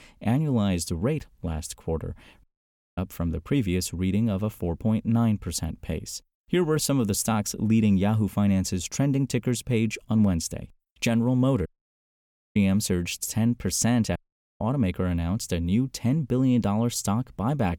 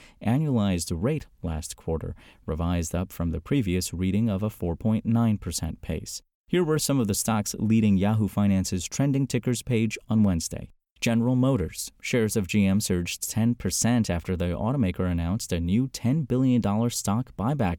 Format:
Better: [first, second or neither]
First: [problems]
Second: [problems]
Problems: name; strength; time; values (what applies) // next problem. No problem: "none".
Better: second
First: audio cutting out; at 2.5 s for 0.5 s, at 12 s for 1 s and at 14 s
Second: none